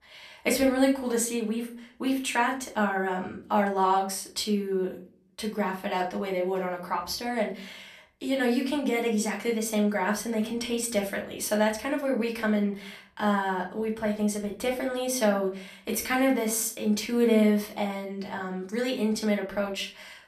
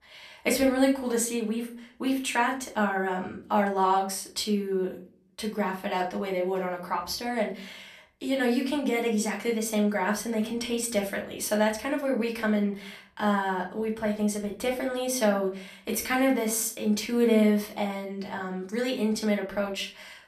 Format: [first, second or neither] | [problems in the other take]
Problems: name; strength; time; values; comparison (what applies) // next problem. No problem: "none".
neither | room echo; slight; dies away in 0.4 s; the same in both // off-mic speech; far; the same in both